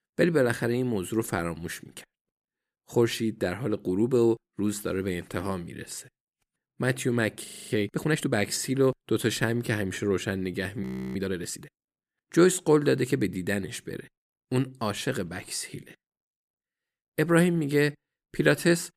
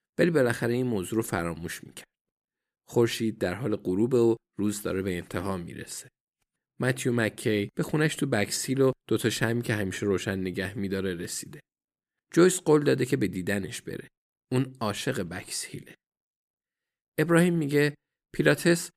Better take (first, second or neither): second